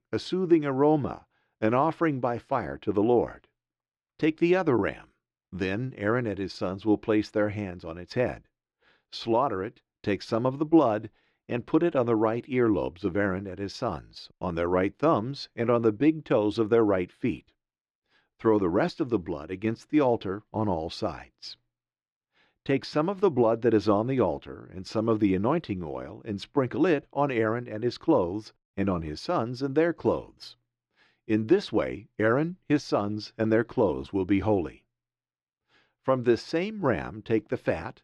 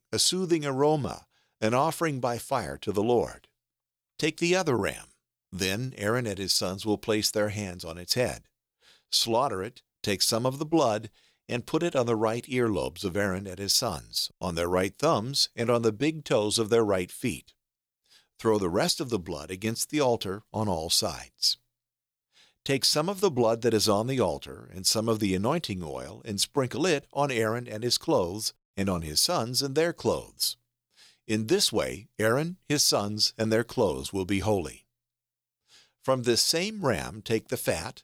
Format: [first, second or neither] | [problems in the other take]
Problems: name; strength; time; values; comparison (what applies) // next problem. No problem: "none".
second | muffled; very; fading above 2 kHz